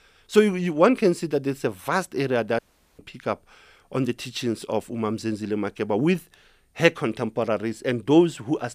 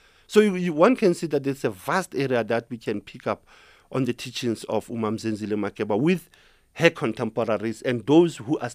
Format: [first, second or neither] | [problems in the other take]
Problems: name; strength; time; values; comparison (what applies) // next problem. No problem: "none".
second | audio cutting out; at 2.5 s